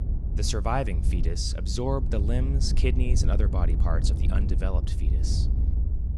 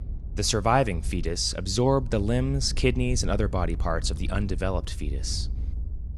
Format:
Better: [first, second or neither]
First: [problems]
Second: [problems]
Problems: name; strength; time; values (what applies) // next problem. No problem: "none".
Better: second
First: low rumble; loud; throughout; 9 dB below the speech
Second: low rumble; faint; throughout; 25 dB below the speech